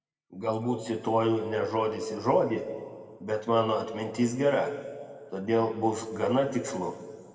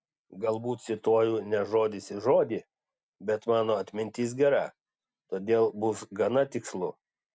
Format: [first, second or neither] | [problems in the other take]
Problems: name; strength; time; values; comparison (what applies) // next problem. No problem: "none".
second | room echo; dies away in 1.7 s